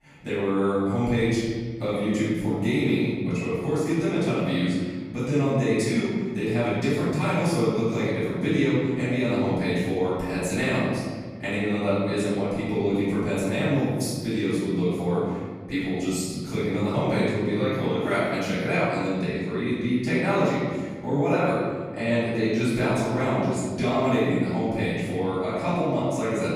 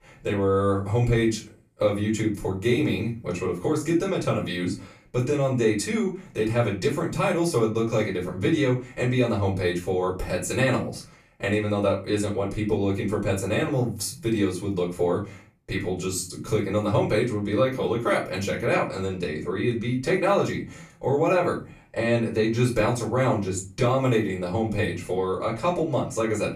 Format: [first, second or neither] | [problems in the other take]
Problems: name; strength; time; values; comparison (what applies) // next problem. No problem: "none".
second | room echo; strong; dies away in 1.7 s; slight in the second // off-mic speech; far; far in the second